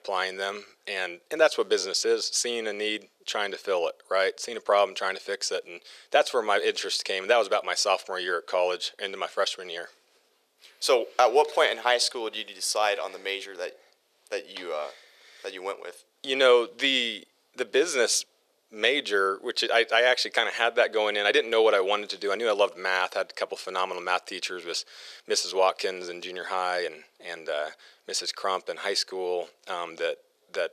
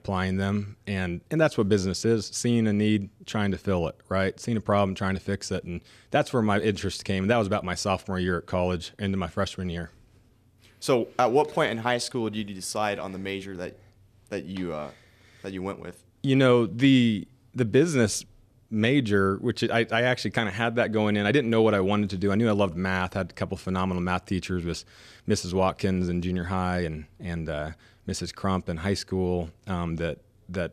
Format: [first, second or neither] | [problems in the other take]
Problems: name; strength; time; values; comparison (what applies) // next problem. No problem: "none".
second | thin; very; fading below 450 Hz